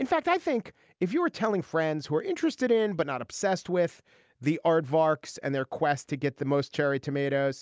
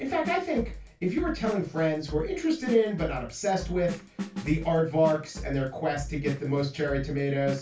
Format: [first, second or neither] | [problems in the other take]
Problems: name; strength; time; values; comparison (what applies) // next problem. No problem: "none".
first | background sound (Drum kit); 11 dB below the speech // room echo; dies away in 0.2 s